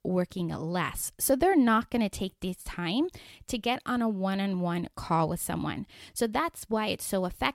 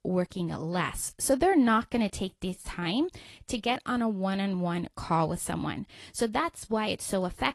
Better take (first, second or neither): first